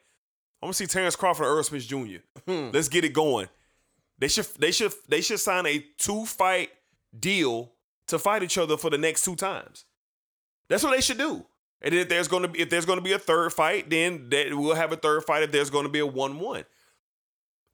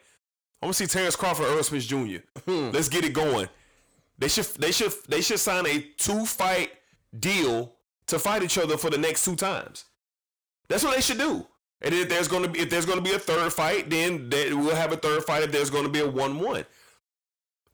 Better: first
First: none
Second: distortion; heavy; 7 dB below the speech

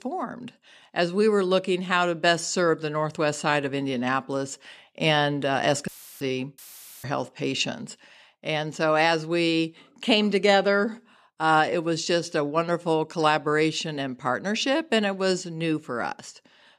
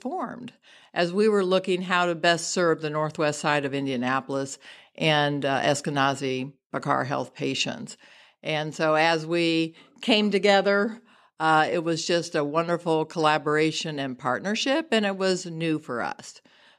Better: second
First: audio cutting out; filled with static; at 6 s and at 6.5 s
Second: none

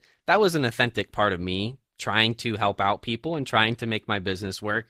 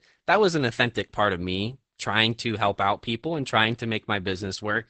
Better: first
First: garbled, watery; slightly; nothing above 15.5 kHz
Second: garbled, watery; badly; nothing above 8 kHz

